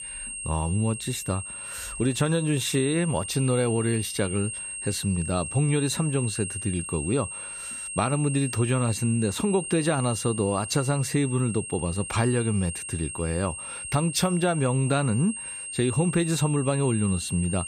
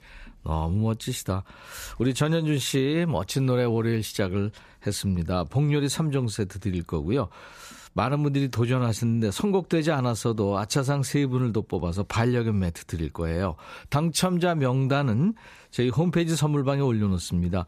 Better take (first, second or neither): second